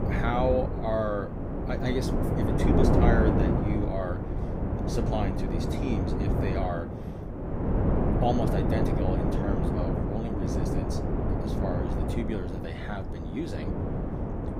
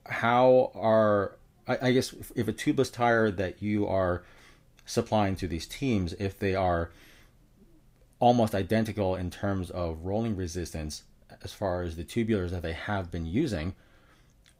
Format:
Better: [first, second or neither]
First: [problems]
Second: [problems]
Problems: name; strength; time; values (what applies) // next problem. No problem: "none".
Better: second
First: wind noise on the microphone; heavy; as loud as the speech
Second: none